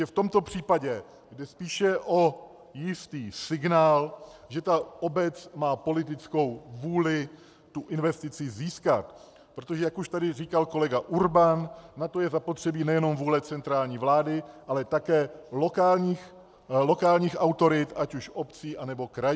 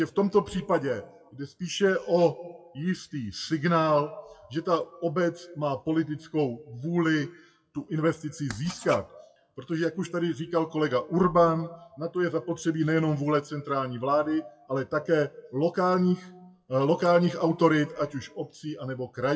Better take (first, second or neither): first